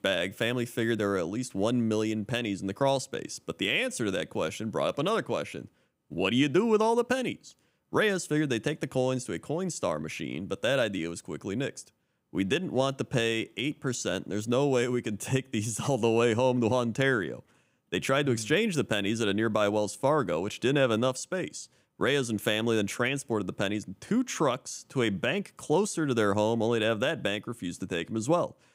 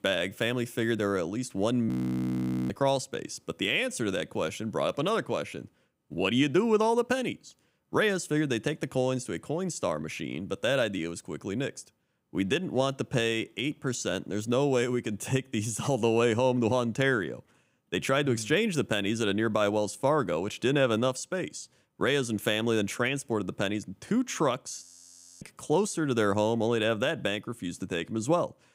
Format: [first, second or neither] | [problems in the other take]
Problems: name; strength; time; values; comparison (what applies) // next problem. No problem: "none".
first | audio freezing; at 2 s for 1 s and at 25 s for 0.5 s